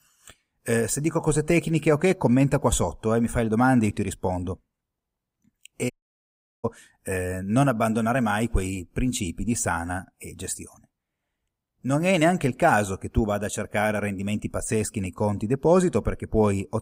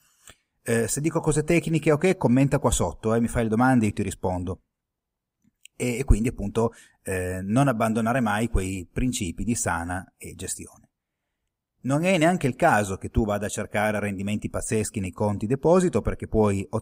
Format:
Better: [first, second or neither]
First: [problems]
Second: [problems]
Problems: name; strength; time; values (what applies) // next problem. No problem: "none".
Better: second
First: audio cutting out; at 6 s for 0.5 s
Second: none